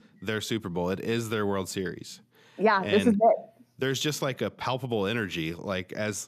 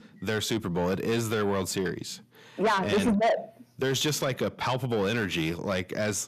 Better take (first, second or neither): first